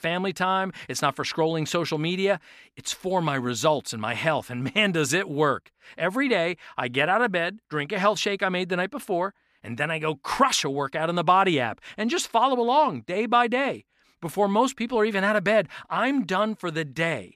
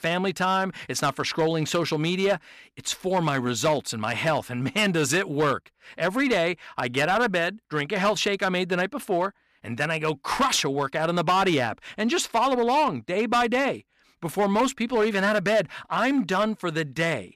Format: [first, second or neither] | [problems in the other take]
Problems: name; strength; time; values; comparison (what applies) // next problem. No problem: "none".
first | distortion; slight; 6% of the sound clipped